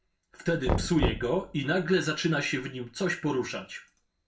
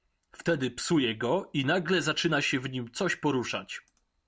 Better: second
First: background sound (Knock); 5 dB below the speech // room echo; dies away in 0.2 s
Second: none

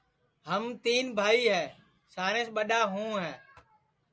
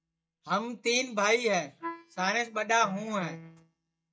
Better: first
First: none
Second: noise reduction (neural mask model DeepFilterNet 3)

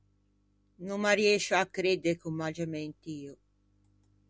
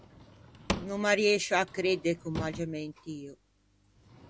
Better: first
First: none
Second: background sound (Drawer open or close / Wood); 11 dB below the speech

